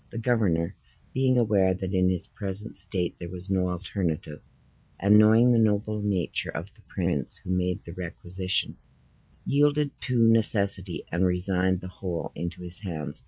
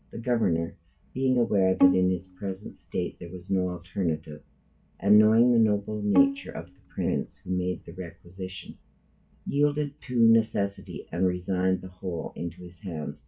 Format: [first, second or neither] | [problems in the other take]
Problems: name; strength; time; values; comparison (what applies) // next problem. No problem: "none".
first | background sound (Bowed string instrument); 4 dB below the speech // room echo; dies away in 0.2 s